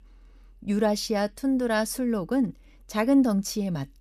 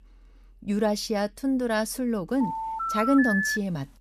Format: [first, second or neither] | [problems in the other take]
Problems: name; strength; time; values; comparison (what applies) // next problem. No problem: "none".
first | phone ringing; loud; from 2.5 s on; peak 1 dB above the speech